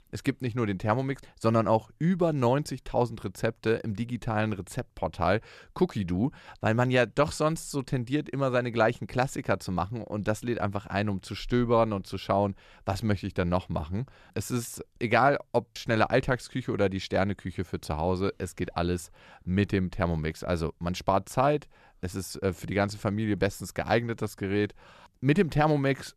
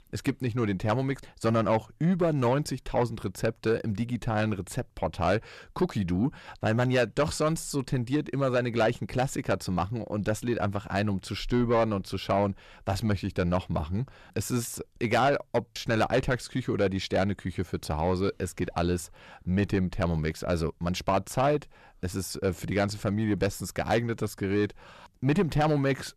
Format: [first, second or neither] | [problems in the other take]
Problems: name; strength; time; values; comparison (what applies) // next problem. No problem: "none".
first | distortion; slight; 10 dB below the speech